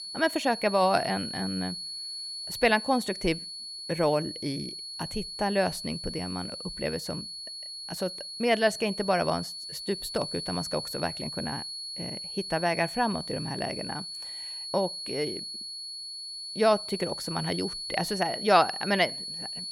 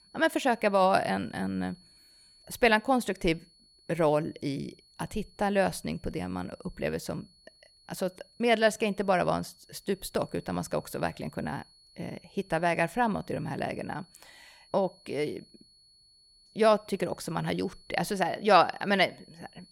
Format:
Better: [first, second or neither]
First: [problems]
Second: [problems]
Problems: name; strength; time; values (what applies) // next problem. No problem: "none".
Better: second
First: high-pitched whine; loud; throughout; 4.5 kHz, 6 dB below the speech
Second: high-pitched whine; faint; throughout; 4.5 kHz, 30 dB below the speech